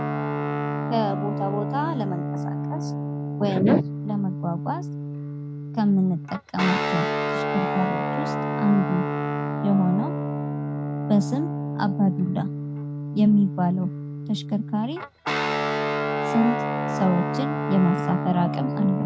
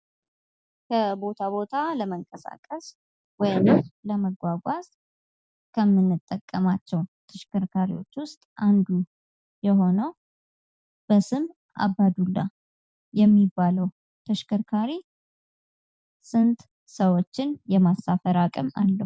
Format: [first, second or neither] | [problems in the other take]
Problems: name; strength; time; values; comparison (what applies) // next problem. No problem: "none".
second | background sound (Guitar); 2 dB below the speech